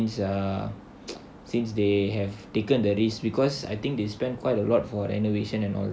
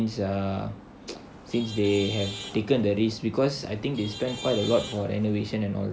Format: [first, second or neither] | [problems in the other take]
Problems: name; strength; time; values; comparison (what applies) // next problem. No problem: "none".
first | background sound (Traffic noise, roadway noise / Vehicle horn, car horn, honking); 13 dB below the speech